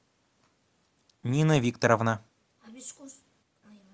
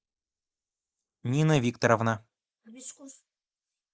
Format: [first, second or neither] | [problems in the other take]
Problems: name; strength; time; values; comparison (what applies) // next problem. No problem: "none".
first | noise reduction (neural mask model Resemble Enhance denoiser)